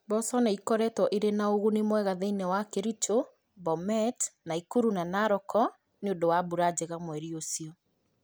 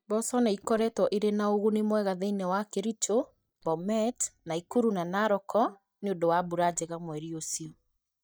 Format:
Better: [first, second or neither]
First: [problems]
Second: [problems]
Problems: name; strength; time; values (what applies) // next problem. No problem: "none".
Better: first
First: none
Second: noise reduction (neural mask model DeepFilterNet 3)